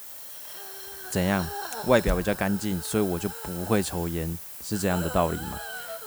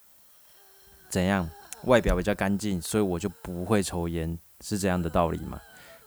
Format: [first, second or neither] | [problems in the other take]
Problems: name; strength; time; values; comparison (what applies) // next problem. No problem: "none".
second | hiss; loud; throughout; 9 dB below the speech; faint in the second